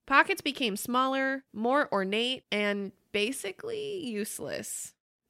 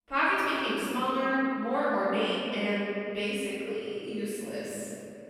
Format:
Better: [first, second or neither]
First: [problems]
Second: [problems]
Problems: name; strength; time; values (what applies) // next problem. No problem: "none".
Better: first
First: none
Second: room echo; strong; dies away in 2.6 s // off-mic speech; far